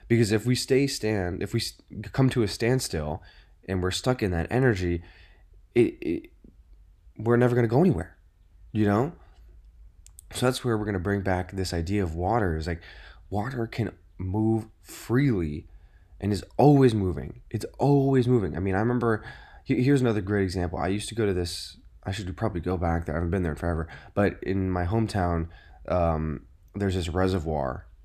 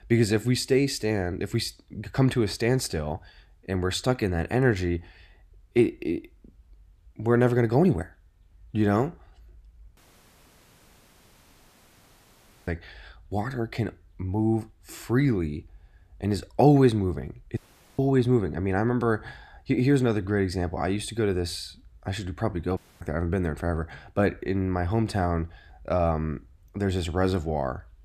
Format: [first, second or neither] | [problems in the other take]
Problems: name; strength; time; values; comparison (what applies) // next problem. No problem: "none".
first | audio cutting out; at 10 s for 2.5 s, at 18 s and at 23 s